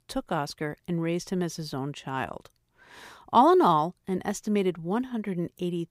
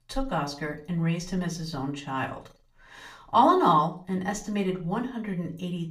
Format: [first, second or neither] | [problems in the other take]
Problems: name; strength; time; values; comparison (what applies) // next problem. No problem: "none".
first | room echo; very slight; dies away in 0.3 s // off-mic speech; far